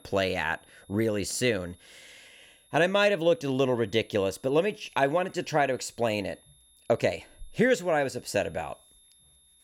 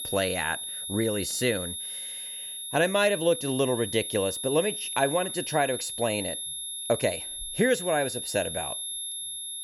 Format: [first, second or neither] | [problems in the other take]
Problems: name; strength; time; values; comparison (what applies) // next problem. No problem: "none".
first | high-pitched whine; loud; throughout; 3.5 kHz, 5 dB below the speech; faint in the first